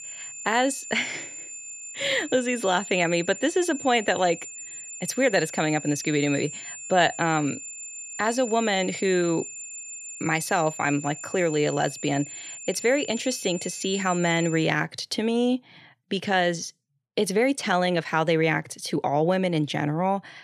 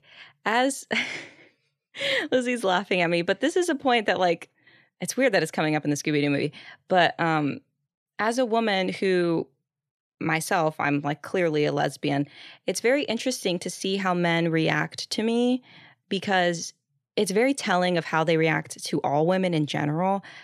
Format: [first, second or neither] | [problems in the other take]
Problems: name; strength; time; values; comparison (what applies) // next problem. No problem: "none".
second | high-pitched whine; noticeable; until 15 s; 7 kHz, 10 dB below the speech